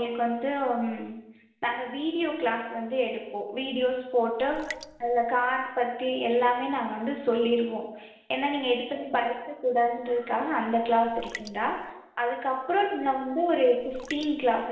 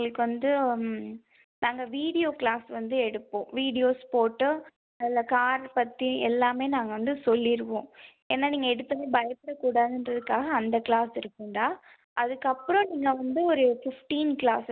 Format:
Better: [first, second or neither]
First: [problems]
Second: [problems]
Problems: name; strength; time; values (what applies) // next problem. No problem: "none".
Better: second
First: noise reduction (neural separator model SepFormer DNS4)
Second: none